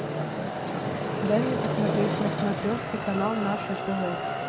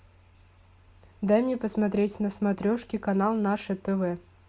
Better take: second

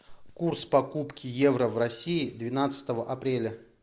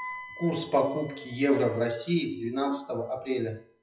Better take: first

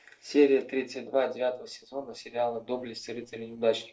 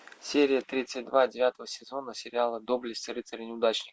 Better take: second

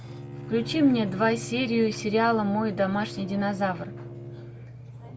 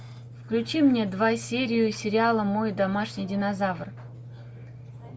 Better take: second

